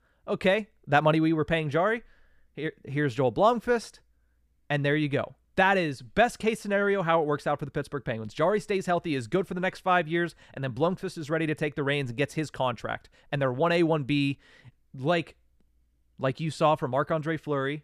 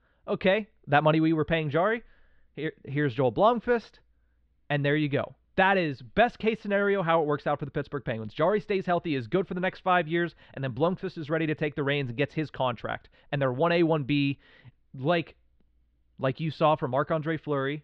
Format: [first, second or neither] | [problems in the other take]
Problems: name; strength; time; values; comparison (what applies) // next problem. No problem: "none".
first | muffled; very slightly; fading above 3.5 kHz